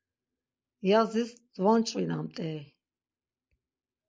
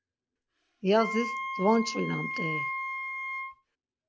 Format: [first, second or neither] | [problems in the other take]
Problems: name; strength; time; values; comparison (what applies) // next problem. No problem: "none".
first | background sound (Wind instrument, woodwind instrument); 4 dB below the speech